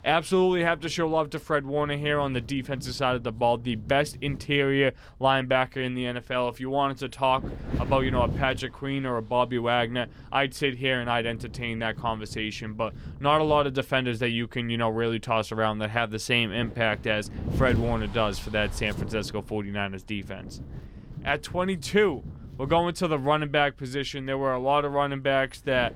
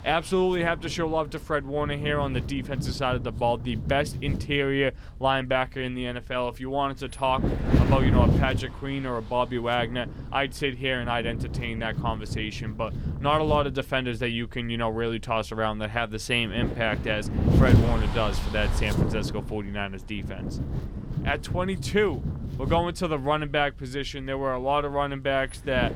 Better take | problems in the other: first | wind noise on the microphone; heavy; 9 dB below the speech; occasional gusts in the first

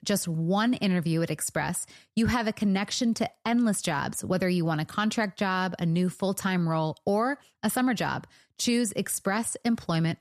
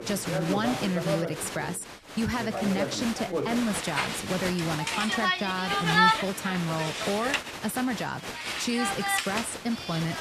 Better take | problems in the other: first | crowd noise; very loud; throughout; 1 dB above the speech

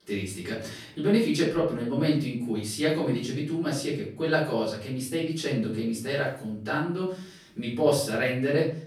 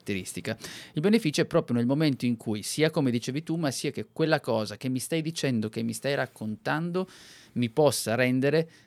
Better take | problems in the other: second | room echo; noticeable; dies away in 0.5 s // off-mic speech; far

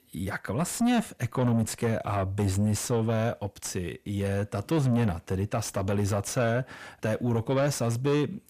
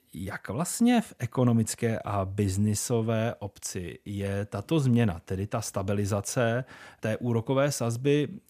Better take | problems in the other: second | distortion; slight; 10 dB below the speech

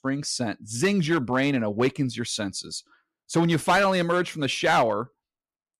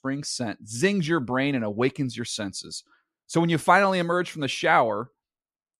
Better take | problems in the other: second | distortion; slight; 4% of the sound clipped

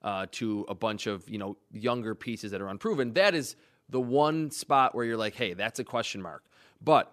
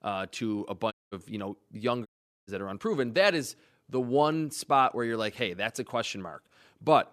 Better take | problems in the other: first | audio cutting out; at 1 s and at 2 s

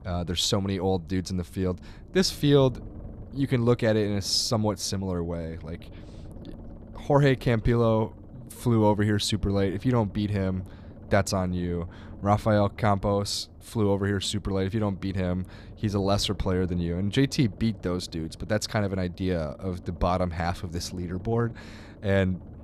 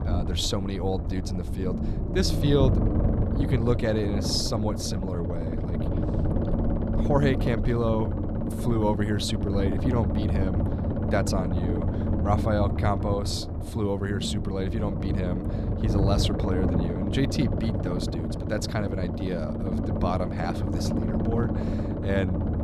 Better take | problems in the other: first | low rumble; loud; throughout; 4 dB below the speech; faint in the first

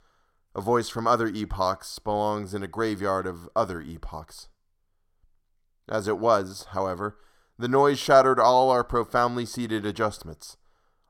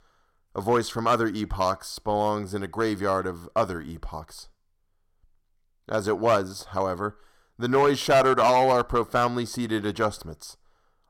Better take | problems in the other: first | distortion; slight; 2% of the sound clipped

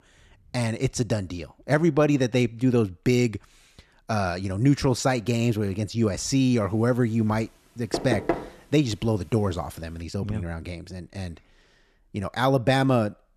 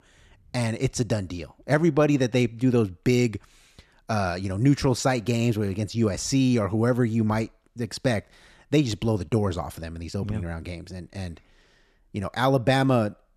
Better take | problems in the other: second | door banging; noticeable; at 8 s; peak 3 dB below the speech

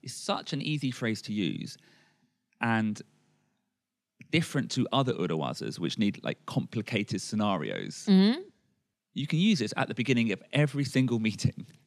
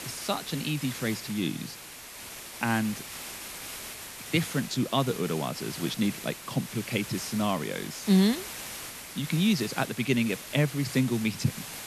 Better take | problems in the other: first | hiss; loud; throughout; 10 dB below the speech

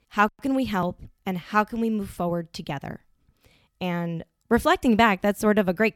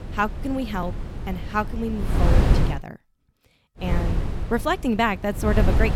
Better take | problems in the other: first | wind noise on the microphone; heavy; until 2.5 s and from 4 s on; 8 dB below the speech

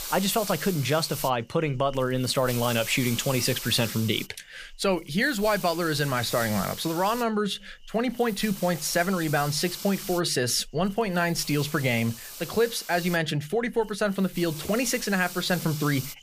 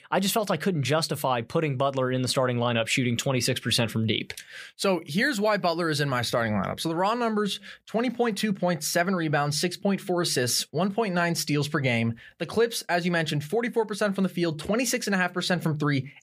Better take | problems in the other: second | hiss; noticeable; throughout; 10 dB below the speech

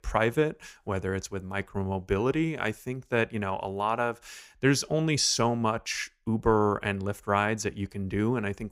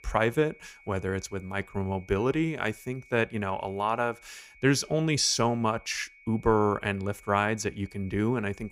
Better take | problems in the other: first | high-pitched whine; faint; throughout; 2 kHz, 25 dB below the speech

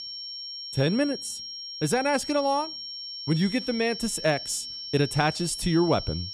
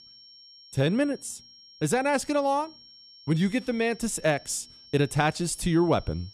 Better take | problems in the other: second | high-pitched whine; loud; throughout; 5.5 kHz, 8 dB below the speech; faint in the second

